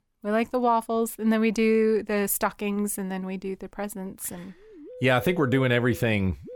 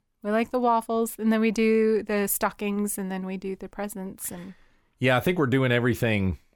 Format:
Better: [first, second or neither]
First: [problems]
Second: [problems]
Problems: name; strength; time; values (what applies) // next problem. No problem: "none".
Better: second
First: background music; noticeable; from 5 s on; 15 dB below the speech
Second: none